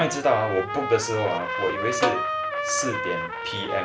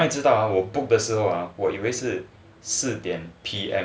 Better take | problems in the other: second | background sound (Snare drum + Trumpet); 2 dB below the speech

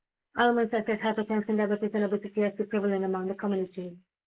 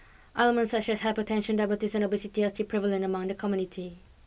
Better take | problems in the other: second | noise reduction (neural mask model Resemble Enhance denoiser)

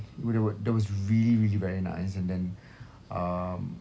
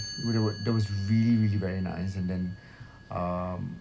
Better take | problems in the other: first | background sound (Chime); 18 dB below the speech

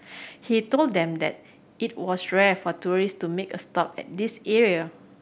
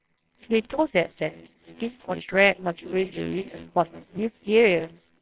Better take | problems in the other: first | noise reduction (neural separator model SepFormer WHAMR!)

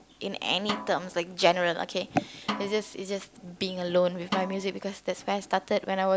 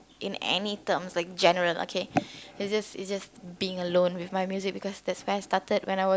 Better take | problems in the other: second | background sound (Snare drum); 10 dB below the speech

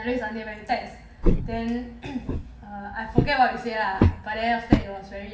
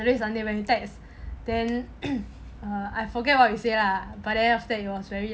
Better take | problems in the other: second | background sound (Walk, footsteps); 3 dB above the speech // room echo; dies away in 0.9 s

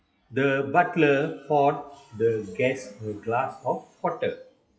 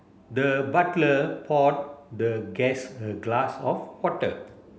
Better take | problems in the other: second | noise reduction (classical method WPE with log-MMSE)

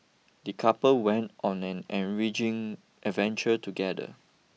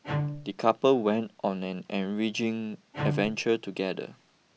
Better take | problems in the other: first | background sound (Bowed string instrument); 7 dB below the speech

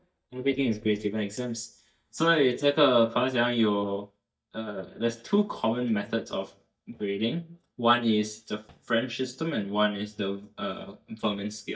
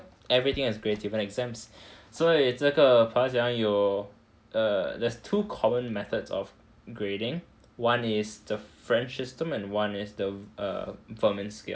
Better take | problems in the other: second | noise reduction (neural mask model DeepFilterNet 3)

